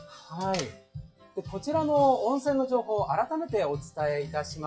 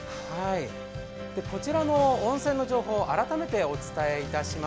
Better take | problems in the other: second | noise reduction (classical method WPE with log-MMSE)

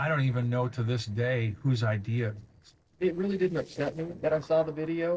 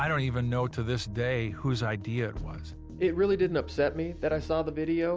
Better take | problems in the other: second | noise reduction (neural separator model SepFormer DNS4)

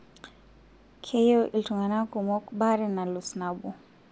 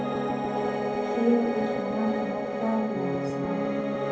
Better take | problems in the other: first | background sound (Piano); 2 dB above the speech // room echo; dies away in 0.5 s

